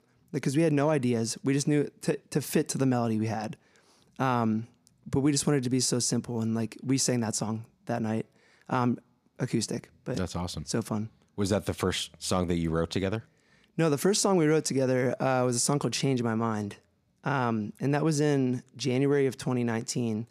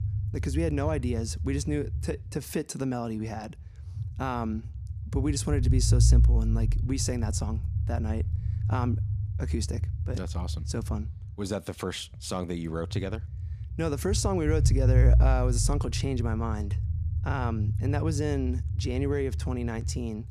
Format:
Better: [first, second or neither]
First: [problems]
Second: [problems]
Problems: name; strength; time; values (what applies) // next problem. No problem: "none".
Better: first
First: none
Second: low rumble; noticeable; throughout; 10 dB below the speech